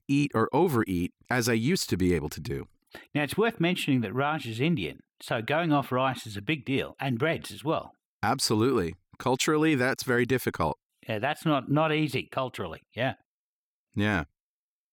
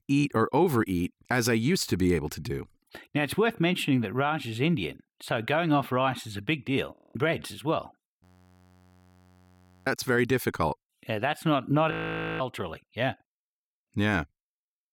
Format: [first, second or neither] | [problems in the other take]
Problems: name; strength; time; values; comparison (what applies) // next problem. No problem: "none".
first | audio freezing; at 7 s, at 8 s for 1.5 s and at 12 s